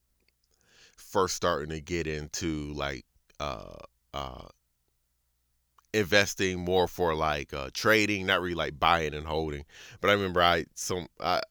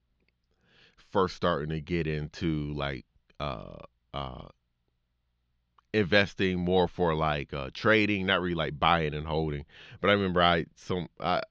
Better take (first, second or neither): first